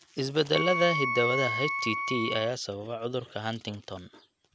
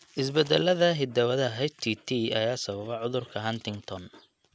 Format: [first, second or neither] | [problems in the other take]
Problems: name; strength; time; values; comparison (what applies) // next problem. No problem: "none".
second | background sound (Wind instrument, woodwind instrument); 1 dB below the speech